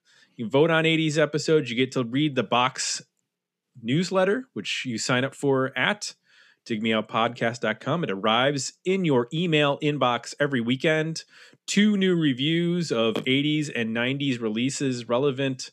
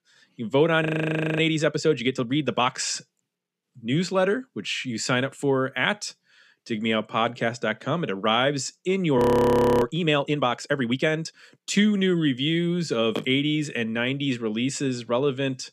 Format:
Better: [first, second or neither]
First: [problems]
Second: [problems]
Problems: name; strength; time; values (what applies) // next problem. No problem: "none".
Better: first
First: none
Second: audio freezing; at 1 s for 0.5 s and at 9 s for 0.5 s